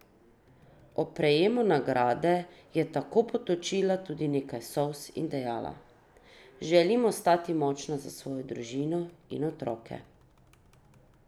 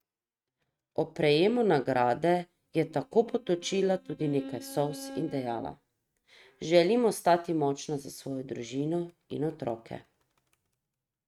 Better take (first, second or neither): first